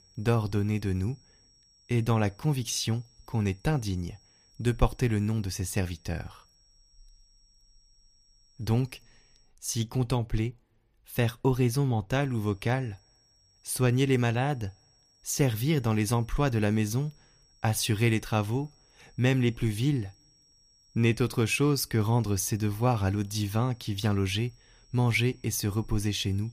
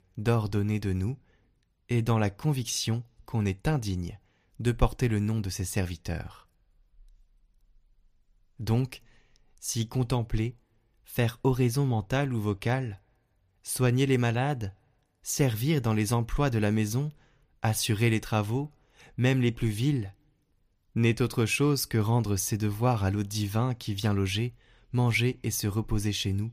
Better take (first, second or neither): second